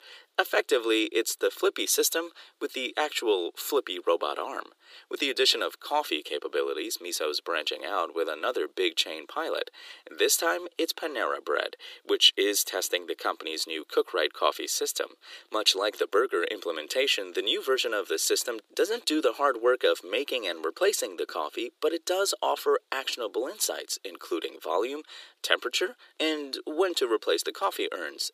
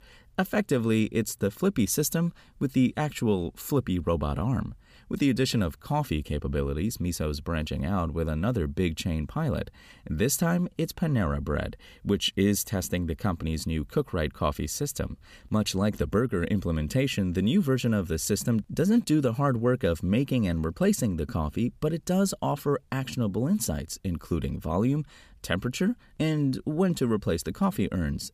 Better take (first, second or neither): second